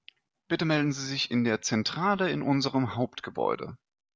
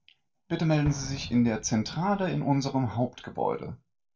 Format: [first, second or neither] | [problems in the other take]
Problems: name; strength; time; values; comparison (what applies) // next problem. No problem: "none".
first | background sound (Explosion); 17 dB below the speech // room echo; dies away in 0.2 s